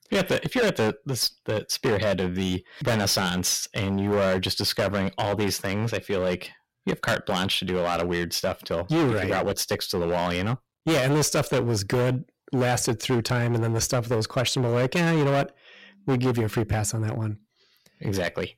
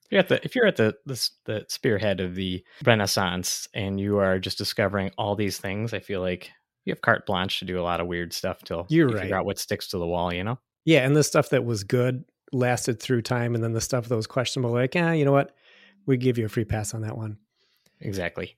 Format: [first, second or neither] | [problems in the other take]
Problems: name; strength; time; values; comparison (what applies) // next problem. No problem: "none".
second | distortion; heavy; 15% of the sound clipped